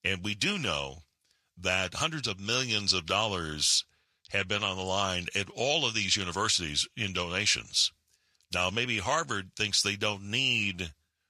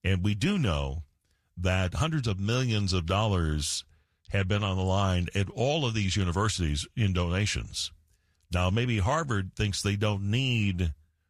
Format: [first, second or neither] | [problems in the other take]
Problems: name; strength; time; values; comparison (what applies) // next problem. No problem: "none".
second | thin; somewhat; fading below 500 Hz